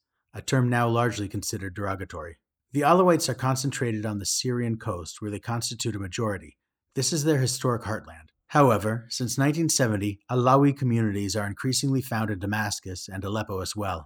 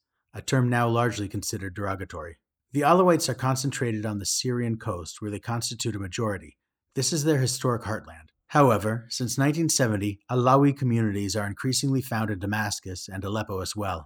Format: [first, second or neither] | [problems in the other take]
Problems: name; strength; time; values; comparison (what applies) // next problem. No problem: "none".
neither | none